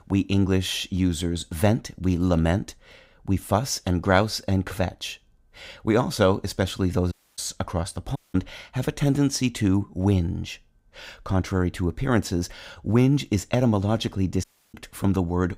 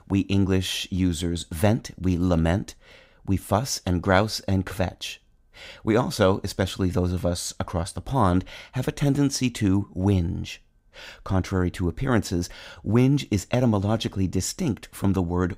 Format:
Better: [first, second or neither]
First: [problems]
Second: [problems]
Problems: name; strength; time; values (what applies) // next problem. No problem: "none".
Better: second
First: audio cutting out; at 7 s, at 8 s and at 14 s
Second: none